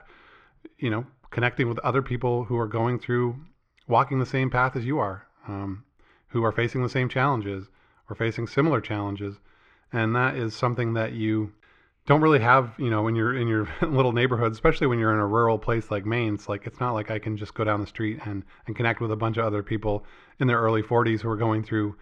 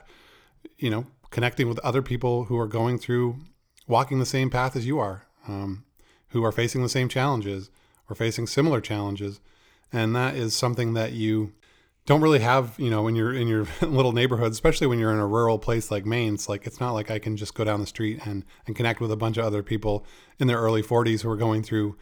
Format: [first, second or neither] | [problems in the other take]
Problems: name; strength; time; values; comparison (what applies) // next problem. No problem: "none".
second | muffled; very; fading above 2.5 kHz